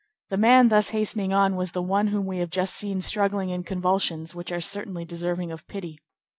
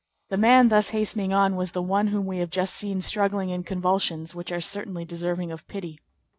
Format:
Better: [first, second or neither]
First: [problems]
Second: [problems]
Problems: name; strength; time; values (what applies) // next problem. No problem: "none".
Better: first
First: none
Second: noise reduction (neural mask model Resemble Enhance denoiser)